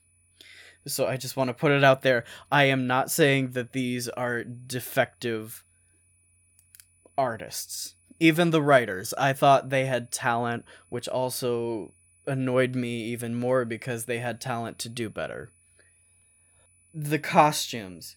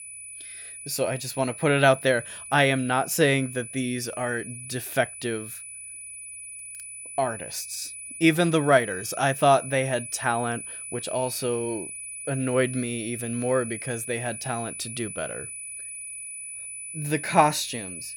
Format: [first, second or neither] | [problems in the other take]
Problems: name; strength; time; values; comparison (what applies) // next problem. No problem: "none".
first | high-pitched whine; loud; throughout; 10 kHz, 10 dB below the speech; faint in the first